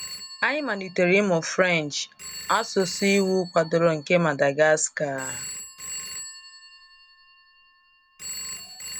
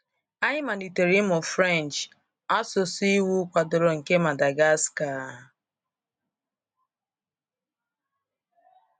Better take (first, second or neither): second